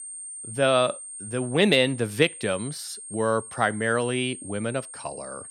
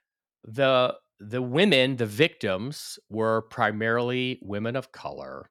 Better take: second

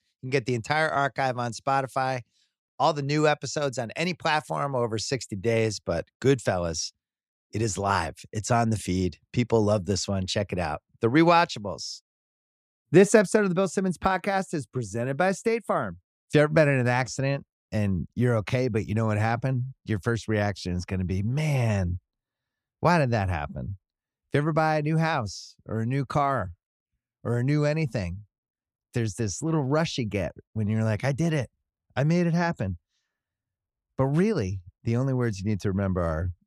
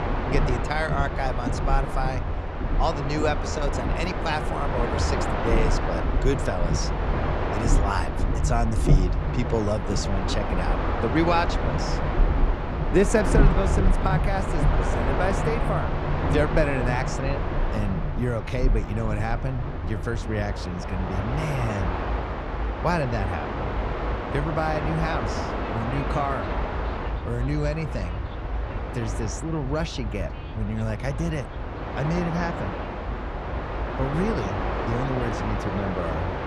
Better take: first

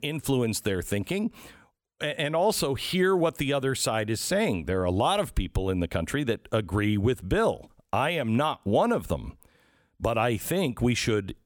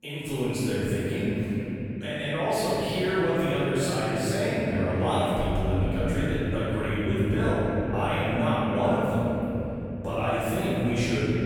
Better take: first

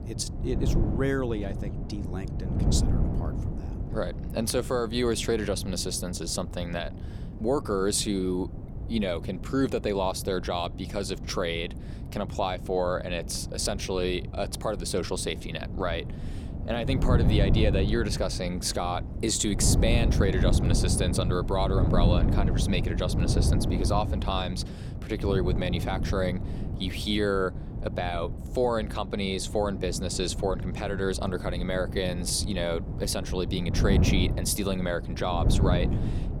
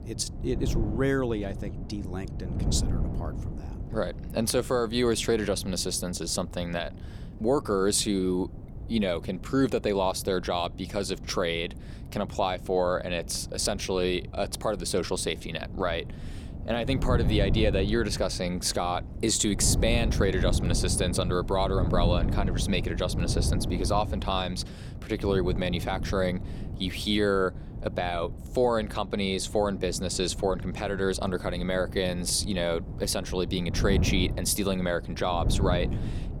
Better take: second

